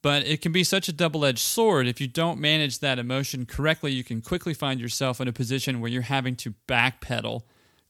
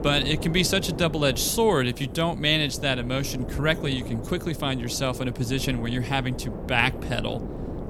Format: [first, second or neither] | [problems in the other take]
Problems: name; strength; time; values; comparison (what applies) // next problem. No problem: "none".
first | wind noise on the microphone; occasional gusts; 15 dB below the speech